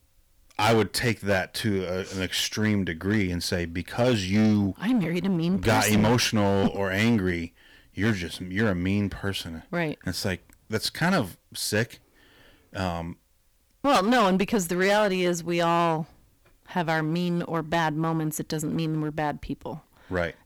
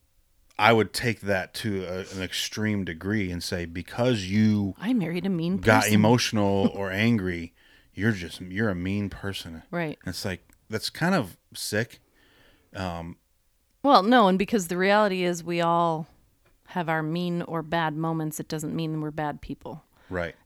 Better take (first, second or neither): second